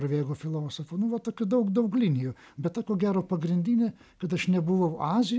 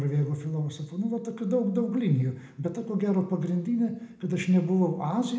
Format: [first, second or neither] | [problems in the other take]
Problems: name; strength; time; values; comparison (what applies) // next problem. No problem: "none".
first | room echo; dies away in 0.7 s